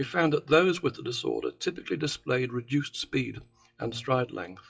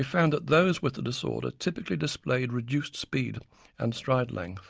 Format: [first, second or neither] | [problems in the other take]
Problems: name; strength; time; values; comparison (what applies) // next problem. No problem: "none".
second | noise reduction (classical method WPE with log-MMSE)